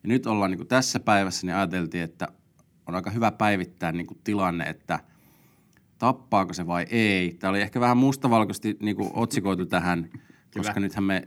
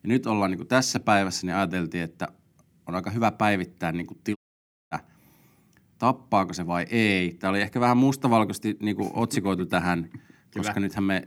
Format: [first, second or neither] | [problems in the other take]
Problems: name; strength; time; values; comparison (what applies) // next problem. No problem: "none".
first | audio cutting out; at 4.5 s for 0.5 s